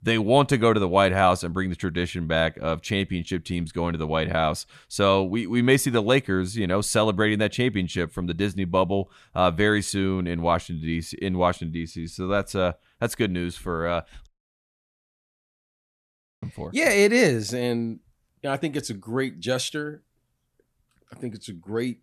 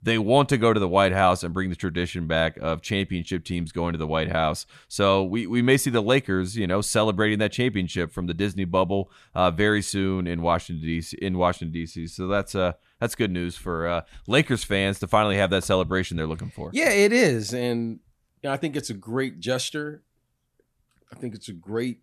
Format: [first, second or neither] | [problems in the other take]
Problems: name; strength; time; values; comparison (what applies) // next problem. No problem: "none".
second | audio cutting out; at 14 s for 2 s